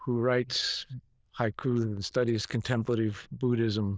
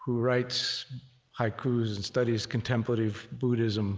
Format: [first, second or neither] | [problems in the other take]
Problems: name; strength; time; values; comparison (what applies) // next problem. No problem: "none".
second | noise reduction (neural diffusion model UNIVERSE++)